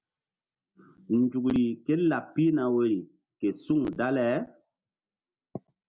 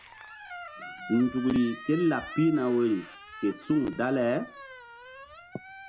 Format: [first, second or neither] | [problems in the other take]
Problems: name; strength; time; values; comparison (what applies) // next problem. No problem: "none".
first | background sound (Squeak); 15 dB below the speech